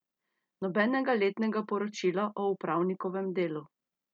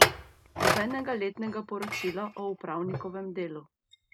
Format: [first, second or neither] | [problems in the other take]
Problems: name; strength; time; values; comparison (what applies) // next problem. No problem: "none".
first | background sound (Chink, clink); 3 dB above the speech